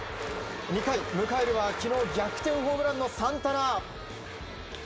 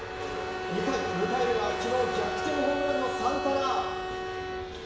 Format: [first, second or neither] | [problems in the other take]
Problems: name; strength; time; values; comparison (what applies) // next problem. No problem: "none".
first | background sound (Bowed string instrument); 4 dB below the speech // room echo; dies away in 1.1 s